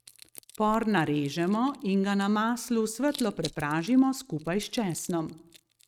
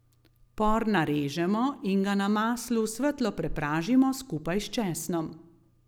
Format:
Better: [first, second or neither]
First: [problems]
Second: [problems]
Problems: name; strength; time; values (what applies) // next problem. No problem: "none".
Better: second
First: noise reduction (neural mask model RNNoise)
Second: none